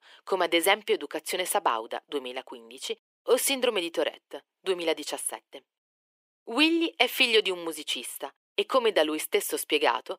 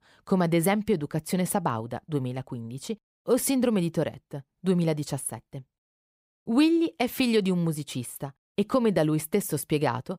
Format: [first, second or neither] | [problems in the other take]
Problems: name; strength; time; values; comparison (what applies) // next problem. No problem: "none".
second | thin; very; fading below 350 Hz